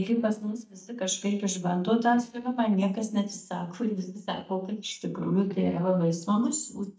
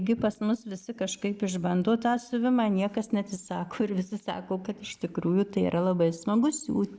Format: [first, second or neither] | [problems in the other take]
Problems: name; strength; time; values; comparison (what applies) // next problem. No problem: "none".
second | noise reduction (neural mask model DeepFilterNet 3)